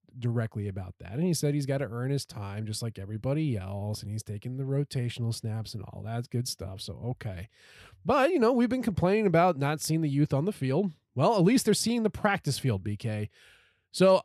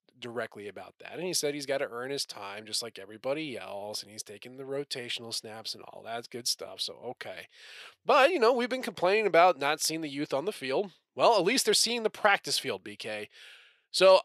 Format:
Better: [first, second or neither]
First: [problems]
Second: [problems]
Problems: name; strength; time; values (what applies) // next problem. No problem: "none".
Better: first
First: none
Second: thin; very; fading below 500 Hz